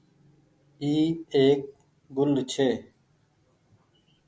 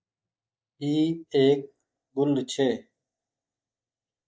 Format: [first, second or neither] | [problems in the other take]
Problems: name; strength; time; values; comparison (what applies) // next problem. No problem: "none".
first | noise reduction (neural mask model DeepFilterNet 3)